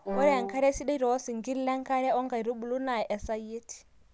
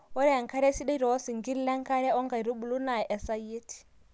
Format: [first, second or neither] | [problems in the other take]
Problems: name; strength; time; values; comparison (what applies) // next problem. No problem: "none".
second | background sound (Wind instrument, woodwind instrument); 5 dB below the speech